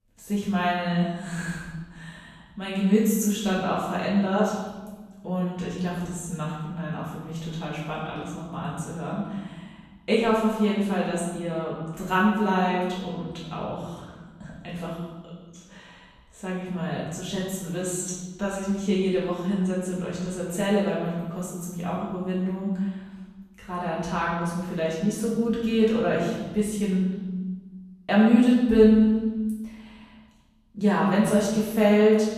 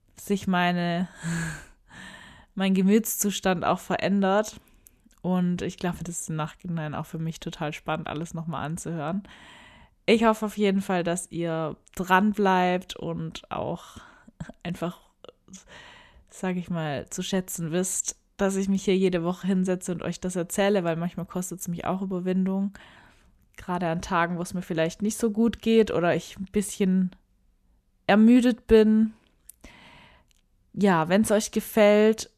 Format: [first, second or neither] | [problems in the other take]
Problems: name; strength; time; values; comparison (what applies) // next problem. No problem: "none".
second | off-mic speech; far // room echo; noticeable; dies away in 1.2 s